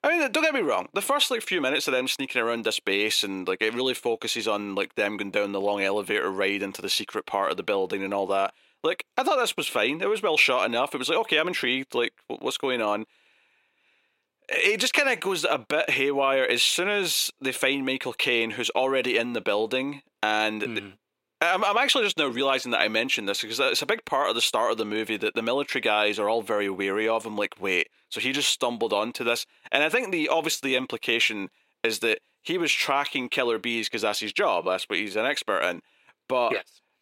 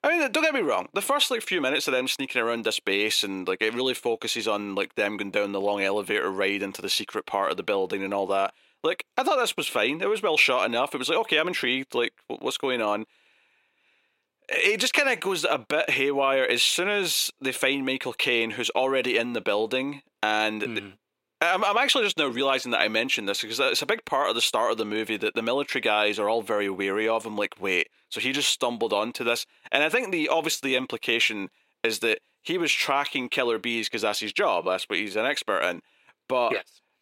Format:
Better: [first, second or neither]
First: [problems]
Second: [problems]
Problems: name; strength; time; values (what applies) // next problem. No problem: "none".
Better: neither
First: thin; somewhat; fading below 400 Hz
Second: thin; somewhat; fading below 400 Hz